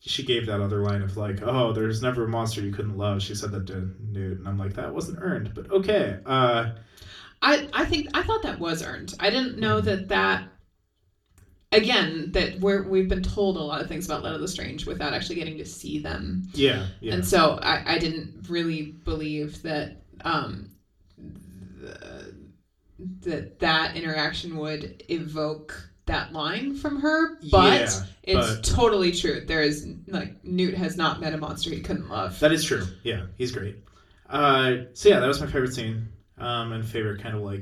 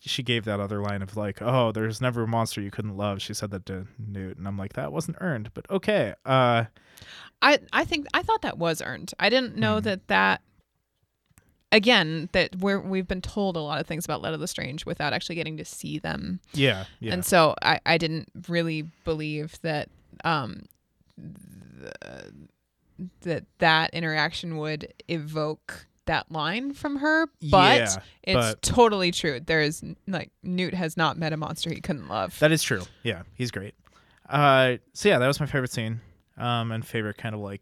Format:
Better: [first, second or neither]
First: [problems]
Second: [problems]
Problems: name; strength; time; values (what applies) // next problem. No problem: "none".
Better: second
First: room echo; very slight; dies away in 0.3 s // off-mic speech; far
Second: none